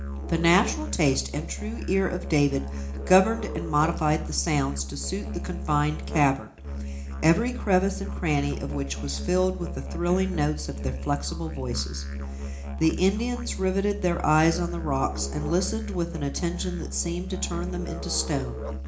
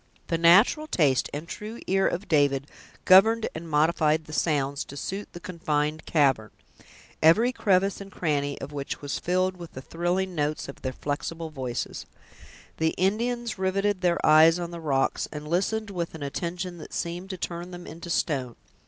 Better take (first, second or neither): second